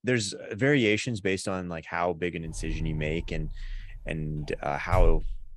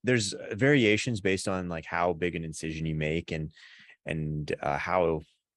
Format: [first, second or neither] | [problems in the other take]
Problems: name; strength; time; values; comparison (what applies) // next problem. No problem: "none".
second | door banging; loud; from 2.5 s on; peak level with the speech